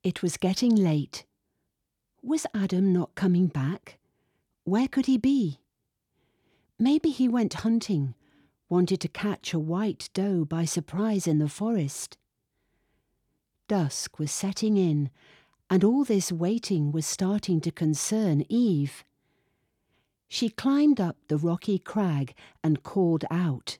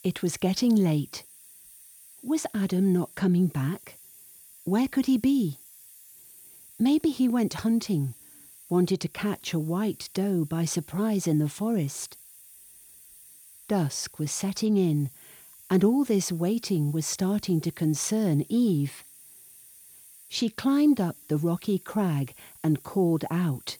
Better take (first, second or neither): first